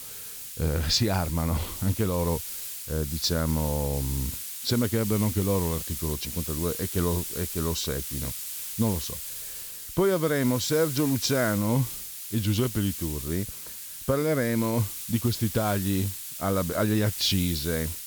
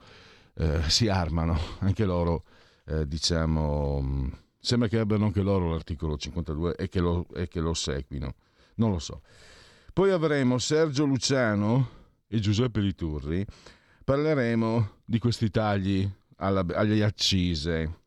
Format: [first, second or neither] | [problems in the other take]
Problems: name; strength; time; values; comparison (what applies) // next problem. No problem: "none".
second | hiss; loud; throughout; 6 dB below the speech